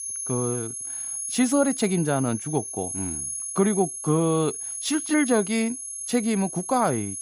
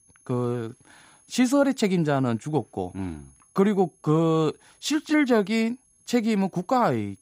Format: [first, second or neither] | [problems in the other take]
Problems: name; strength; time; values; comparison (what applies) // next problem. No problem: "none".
second | high-pitched whine; loud; throughout; 10.5 kHz, 5 dB below the speech; faint in the second